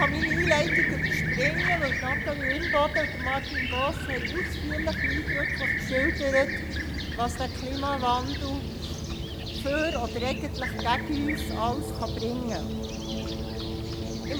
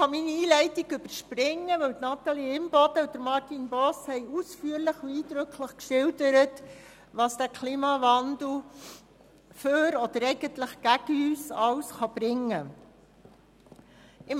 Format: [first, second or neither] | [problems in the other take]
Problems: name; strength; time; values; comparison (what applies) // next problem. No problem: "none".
second | background sound (Fixed-wing aircraft, airplane); 2 dB above the speech